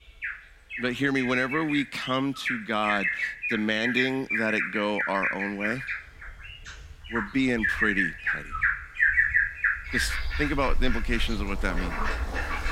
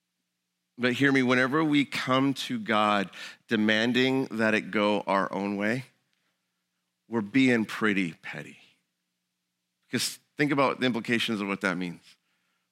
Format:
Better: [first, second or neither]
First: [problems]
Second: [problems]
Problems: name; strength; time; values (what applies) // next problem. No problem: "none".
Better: second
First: animal sounds; very loud; throughout; as loud as the speech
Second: none